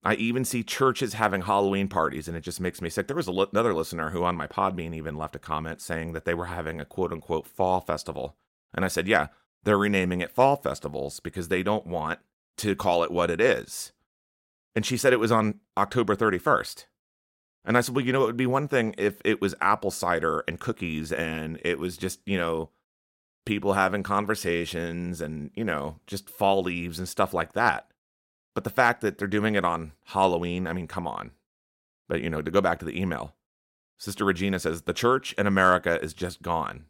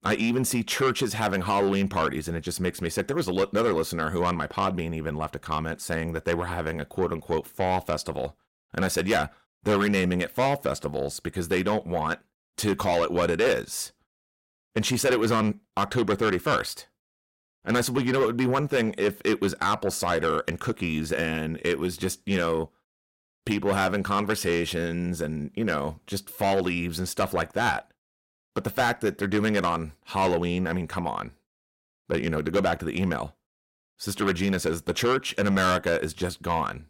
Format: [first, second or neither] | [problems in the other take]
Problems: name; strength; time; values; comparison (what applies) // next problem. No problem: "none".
first | distortion; heavy; 8 dB below the speech